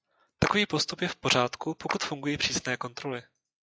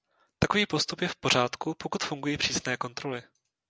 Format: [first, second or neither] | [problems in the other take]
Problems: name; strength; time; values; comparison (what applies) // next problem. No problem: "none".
second | noise reduction (classical method log-MMSE)